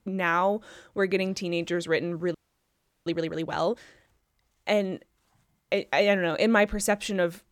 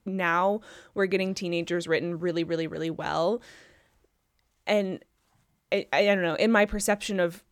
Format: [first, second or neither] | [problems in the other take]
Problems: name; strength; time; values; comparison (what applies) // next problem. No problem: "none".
second | audio freezing; at 2.5 s for 0.5 s